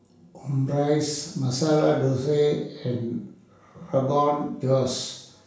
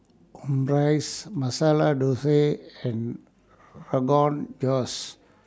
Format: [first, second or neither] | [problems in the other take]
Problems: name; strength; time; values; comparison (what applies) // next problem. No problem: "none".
second | room echo; dies away in 0.7 s